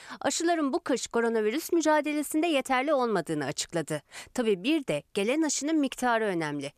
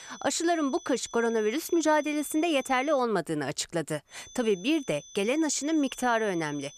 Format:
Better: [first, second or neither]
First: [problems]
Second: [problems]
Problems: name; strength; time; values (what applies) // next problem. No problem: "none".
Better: first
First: none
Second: high-pitched whine; noticeable; until 3 s and from 4 s on; 6 kHz, 20 dB below the speech